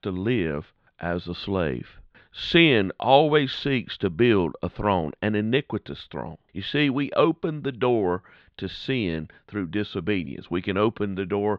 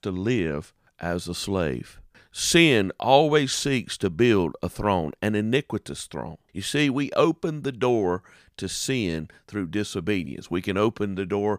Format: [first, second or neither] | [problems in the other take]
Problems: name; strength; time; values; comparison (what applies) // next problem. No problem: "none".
second | muffled; slightly; fading above 3.5 kHz